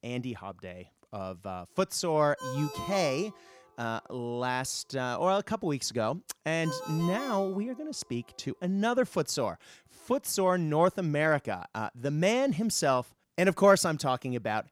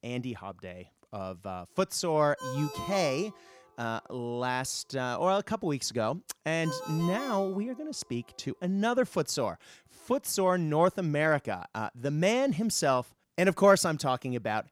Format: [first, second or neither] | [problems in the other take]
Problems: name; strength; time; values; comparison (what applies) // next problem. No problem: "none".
neither | phone ringing; noticeable; from 2.5 to 7.5 s; peak 9 dB below the speech; the same in both